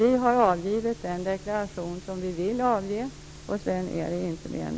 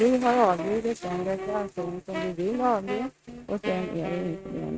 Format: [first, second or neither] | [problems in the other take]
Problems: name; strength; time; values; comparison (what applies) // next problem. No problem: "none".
first | noise reduction (neural mask model RNNoise)